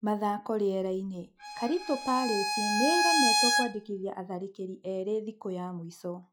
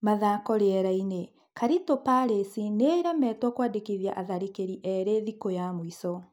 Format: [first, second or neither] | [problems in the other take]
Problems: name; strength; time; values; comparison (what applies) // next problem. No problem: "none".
second | noise reduction (classical method log-MMSE)